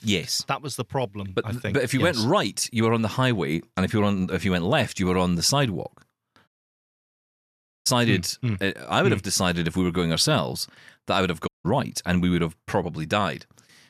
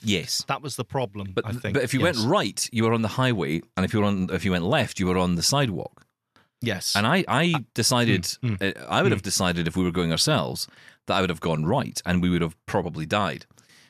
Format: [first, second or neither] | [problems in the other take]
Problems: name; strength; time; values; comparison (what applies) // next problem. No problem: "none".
second | audio cutting out; at 6.5 s for 1.5 s and at 11 s